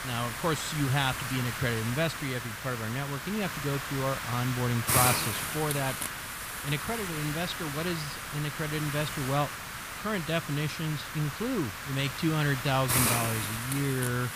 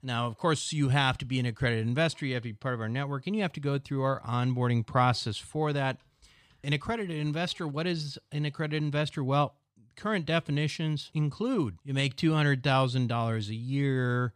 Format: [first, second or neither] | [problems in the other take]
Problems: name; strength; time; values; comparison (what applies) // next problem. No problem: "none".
second | hiss; loud; throughout; 1 dB below the speech